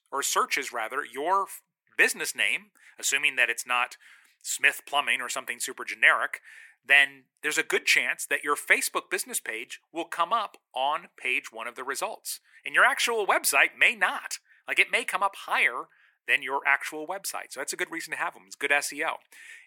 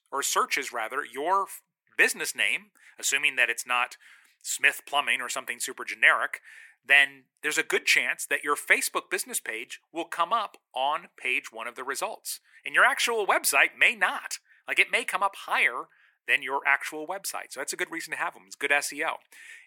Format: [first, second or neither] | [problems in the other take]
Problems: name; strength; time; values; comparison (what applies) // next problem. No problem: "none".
neither | thin; very; fading below 350 Hz; the same in both